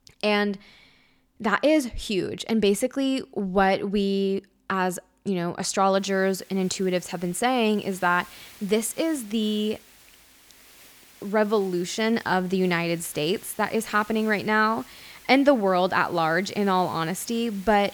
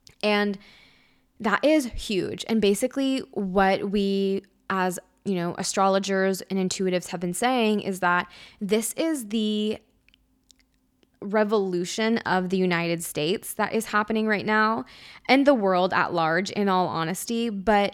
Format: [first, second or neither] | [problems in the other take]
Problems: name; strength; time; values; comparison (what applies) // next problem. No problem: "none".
second | hiss; faint; from 6 s on; 25 dB below the speech